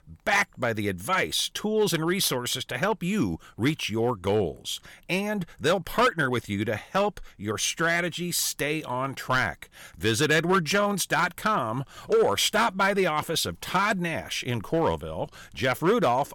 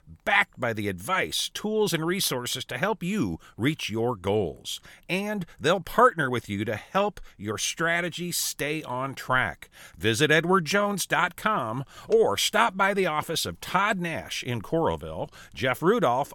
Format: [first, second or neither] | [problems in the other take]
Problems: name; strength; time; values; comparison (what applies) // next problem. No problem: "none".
second | distortion; slight; 3% of the sound clipped